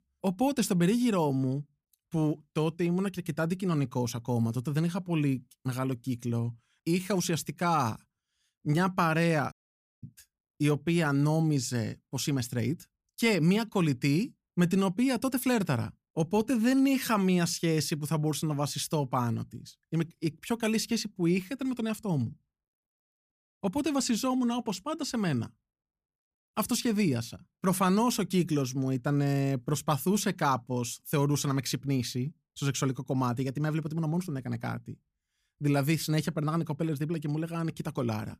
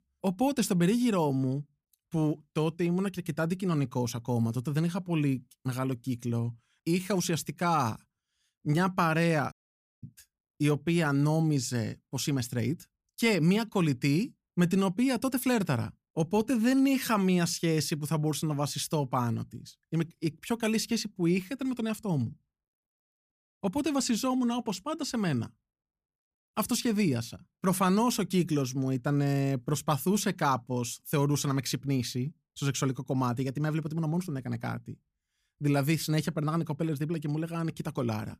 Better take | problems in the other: neither | audio cutting out; at 9.5 s for 0.5 s; the same in both

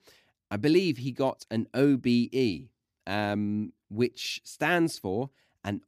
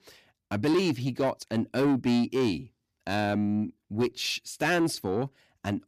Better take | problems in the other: first | distortion; slight; 10 dB below the speech

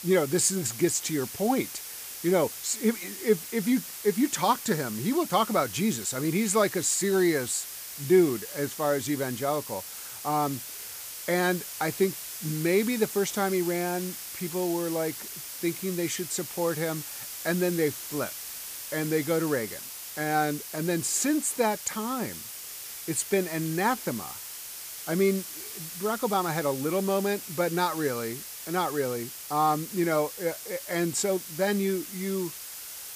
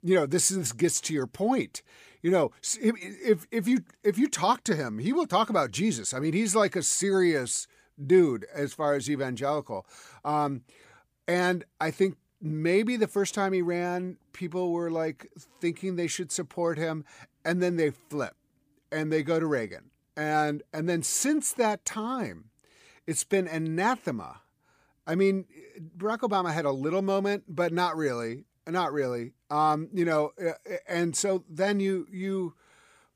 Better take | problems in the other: second | hiss; loud; throughout; 9 dB below the speech

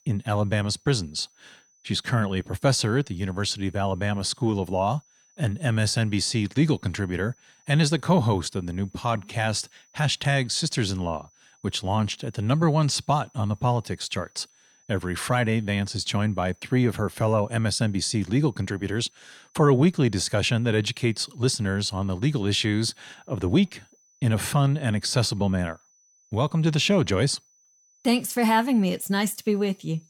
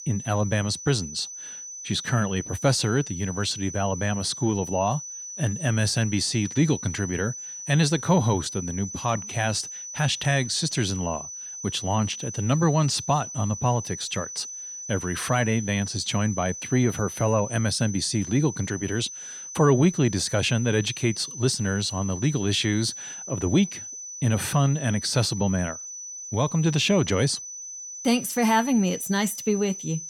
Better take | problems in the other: first | high-pitched whine; loud; throughout; 6 kHz, 10 dB below the speech; faint in the first

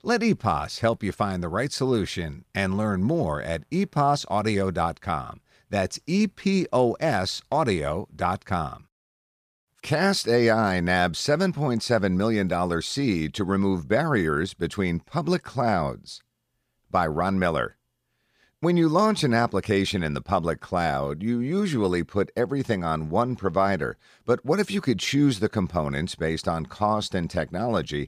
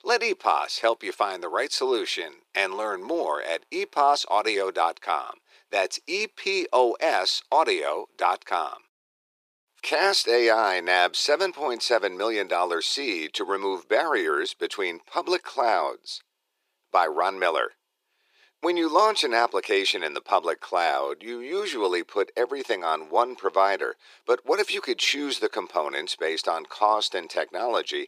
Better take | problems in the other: first | thin; very; fading below 350 Hz

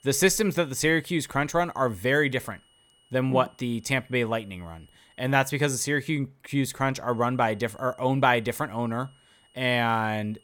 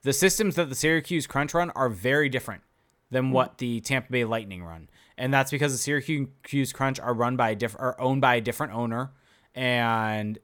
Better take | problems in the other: second | high-pitched whine; faint; until 5.5 s and from 7 s on; 3 kHz, 35 dB below the speech

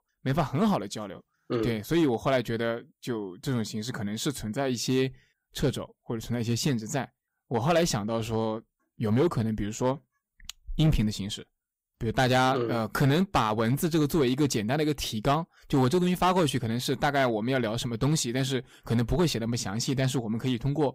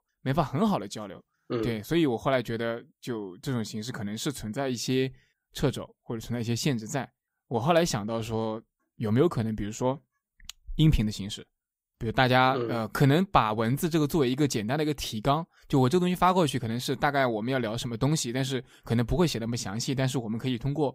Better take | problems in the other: second | distortion; slight; 4% of the sound clipped

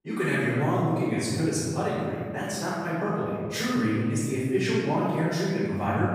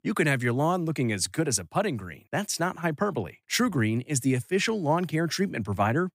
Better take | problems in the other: second | room echo; strong; dies away in 1.9 s // off-mic speech; far

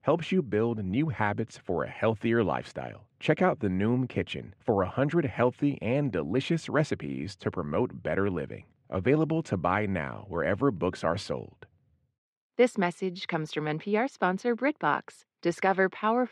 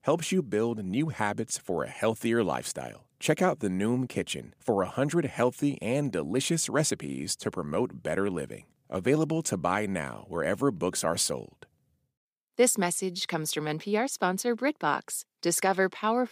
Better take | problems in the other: second | muffled; slightly; fading above 2.5 kHz

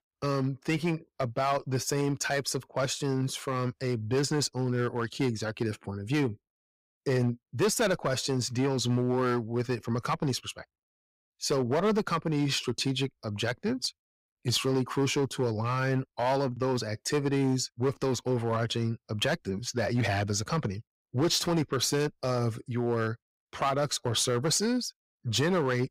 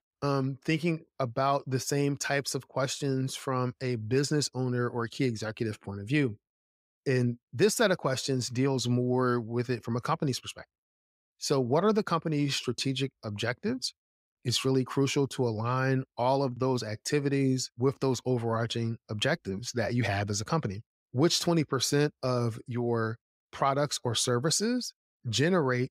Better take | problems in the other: second | distortion; slight; 6% of the sound clipped

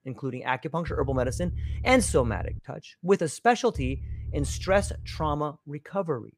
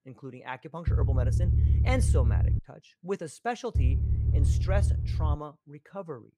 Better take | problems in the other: first | low rumble; loud; from 1 to 2.5 s and from 4 to 5.5 s; 6 dB below the speech; faint in the first

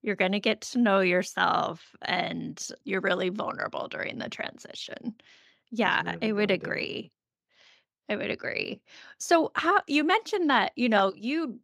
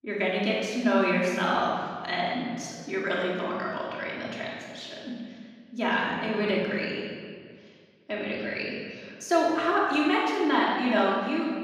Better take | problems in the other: first | off-mic speech; far // room echo; strong; dies away in 1.6 s

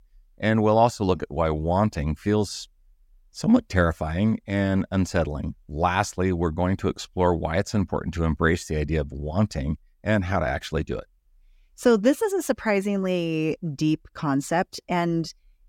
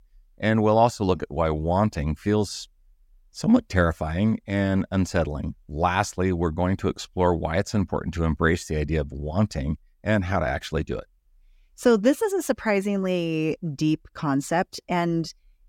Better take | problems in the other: neither | none

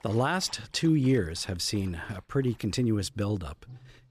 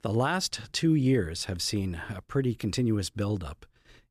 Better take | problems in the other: second | animal sounds; faint; throughout; 25 dB below the speech

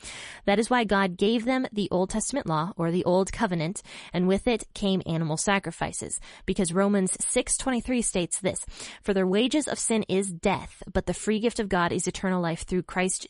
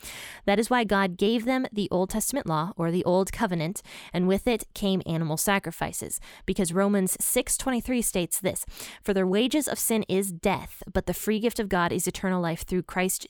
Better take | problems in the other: second | garbled, watery; slightly; nothing above 10.5 kHz

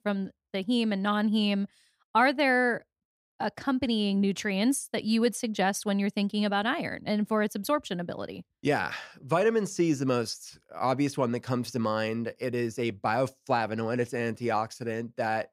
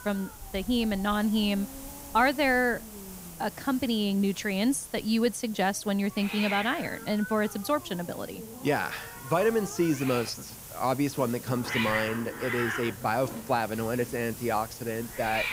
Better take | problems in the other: first | hiss; loud; throughout; 10 dB below the speech

